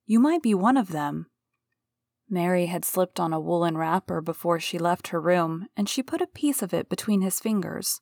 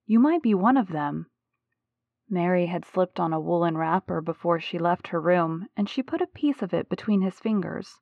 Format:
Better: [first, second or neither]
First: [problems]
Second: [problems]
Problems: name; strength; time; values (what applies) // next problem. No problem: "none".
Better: first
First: none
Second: muffled; very; fading above 3 kHz